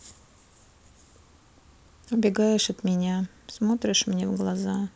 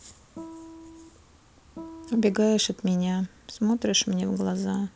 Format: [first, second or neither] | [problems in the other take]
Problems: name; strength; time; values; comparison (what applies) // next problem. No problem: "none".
first | background sound (Guitar); 16 dB below the speech